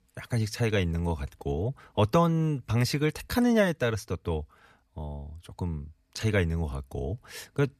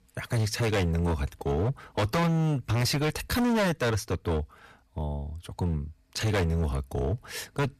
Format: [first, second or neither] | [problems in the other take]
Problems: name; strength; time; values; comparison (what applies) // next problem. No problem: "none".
first | distortion; heavy; 19% of the sound clipped